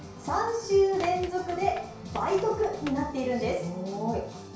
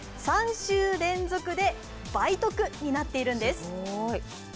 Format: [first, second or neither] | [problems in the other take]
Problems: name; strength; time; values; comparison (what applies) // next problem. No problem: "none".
second | background sound (Run); 19 dB below the speech // room echo; dies away in 0.6 s